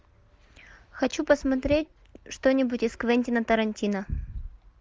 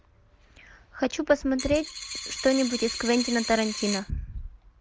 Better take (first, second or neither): first